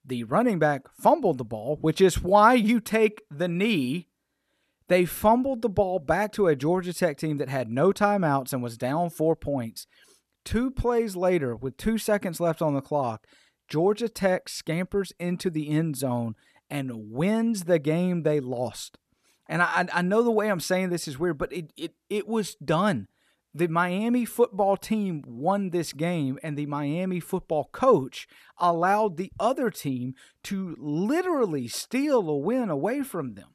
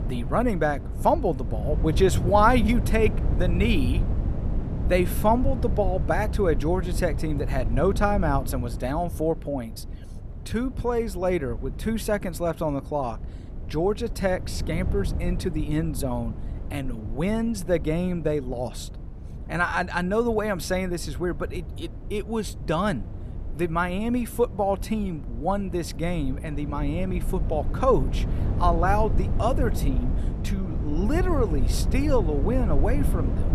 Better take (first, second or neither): first